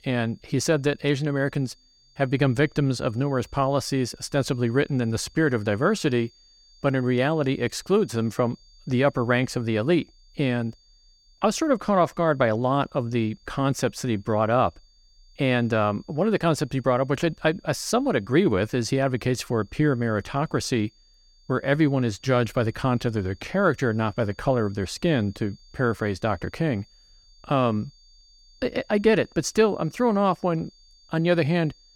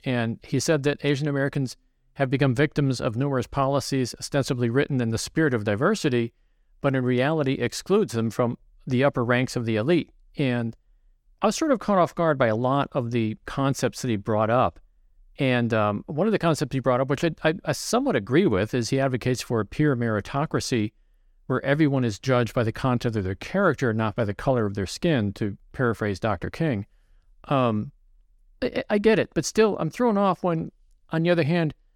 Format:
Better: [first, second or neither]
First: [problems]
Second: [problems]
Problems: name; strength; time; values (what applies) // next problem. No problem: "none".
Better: second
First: high-pitched whine; faint; throughout; 4.5 kHz, 30 dB below the speech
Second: none